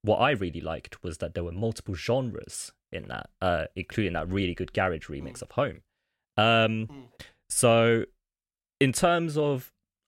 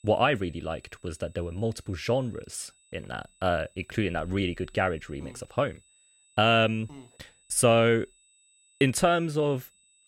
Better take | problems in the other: first | high-pitched whine; faint; throughout; 8 kHz, 35 dB below the speech

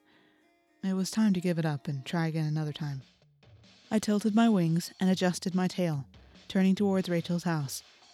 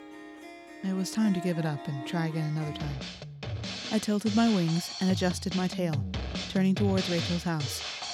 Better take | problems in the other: first | background music; loud; throughout; 7 dB below the speech; faint in the first

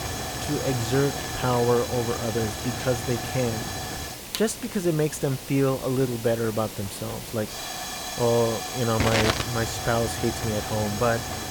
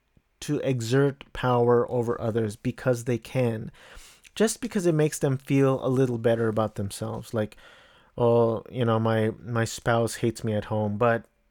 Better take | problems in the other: second | hiss; loud; throughout; 4 dB below the speech

